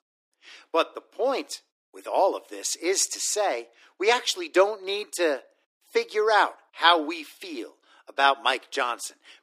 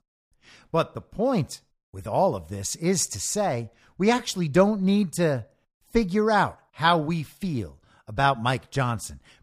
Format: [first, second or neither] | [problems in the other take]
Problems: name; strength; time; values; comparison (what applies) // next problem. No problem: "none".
second | thin; very; fading below 300 Hz